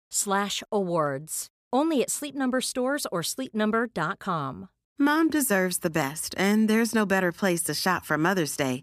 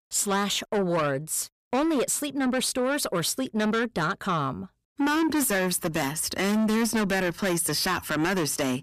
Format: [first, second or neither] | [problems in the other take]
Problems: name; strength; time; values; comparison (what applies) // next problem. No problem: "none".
first | distortion; heavy; 7 dB below the speech